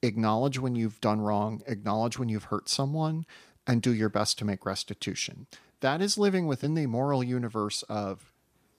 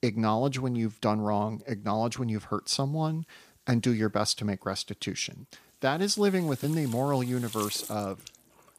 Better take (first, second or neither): first